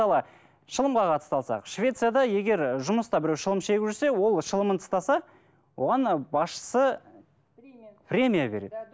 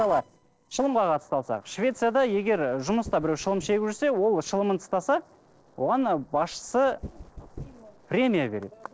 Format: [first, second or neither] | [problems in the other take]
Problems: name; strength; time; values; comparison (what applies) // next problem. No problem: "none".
first | noise reduction (neural separator model SepFormer DNS4)